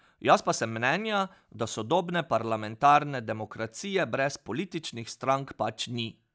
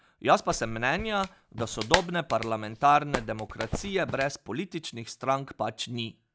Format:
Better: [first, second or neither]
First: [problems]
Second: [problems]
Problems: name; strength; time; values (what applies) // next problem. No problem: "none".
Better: first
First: none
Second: background sound (Clapping); 7 dB below the speech